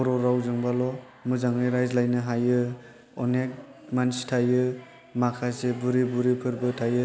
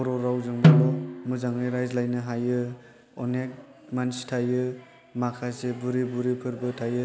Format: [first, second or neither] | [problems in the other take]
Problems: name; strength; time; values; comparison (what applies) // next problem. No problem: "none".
first | background sound (Snare drum); 5 dB above the speech